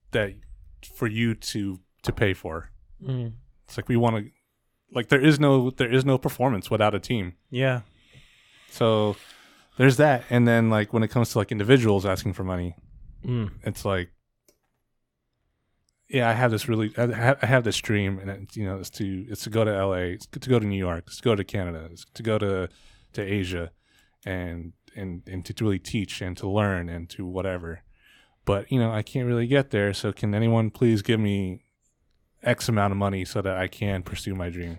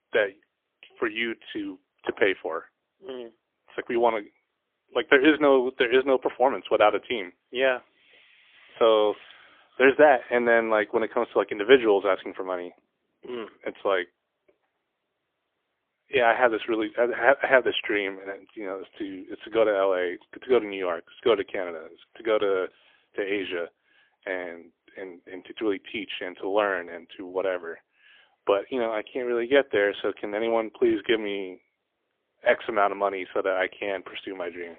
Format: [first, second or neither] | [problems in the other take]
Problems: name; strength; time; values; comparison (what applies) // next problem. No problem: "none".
first | phone-call audio; poor line; nothing above 3.5 kHz